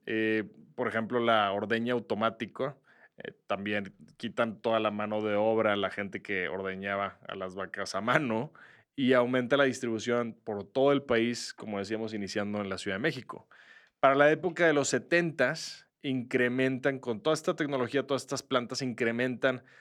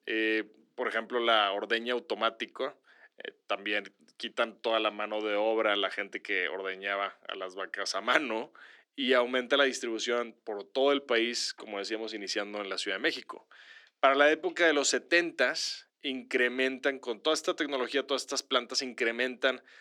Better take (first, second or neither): first